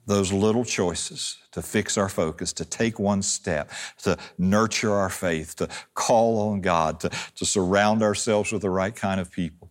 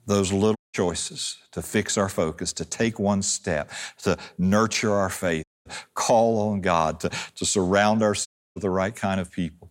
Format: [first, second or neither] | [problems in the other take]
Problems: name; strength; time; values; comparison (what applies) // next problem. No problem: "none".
first | audio cutting out; at 0.5 s, at 5.5 s and at 8.5 s